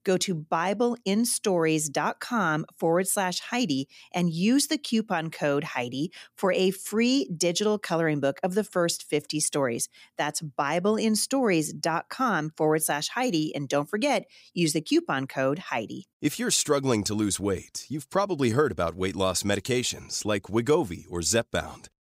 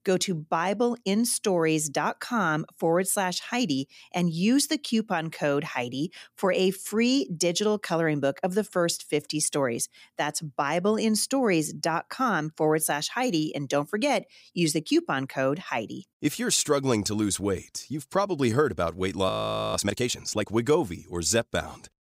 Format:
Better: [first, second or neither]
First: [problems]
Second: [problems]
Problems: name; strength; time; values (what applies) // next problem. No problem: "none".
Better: first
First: none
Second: audio freezing; at 19 s